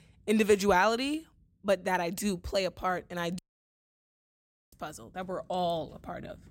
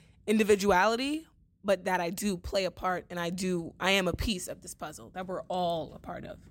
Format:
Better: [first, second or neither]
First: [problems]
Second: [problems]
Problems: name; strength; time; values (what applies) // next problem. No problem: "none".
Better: second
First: audio cutting out; at 3.5 s for 1.5 s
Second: none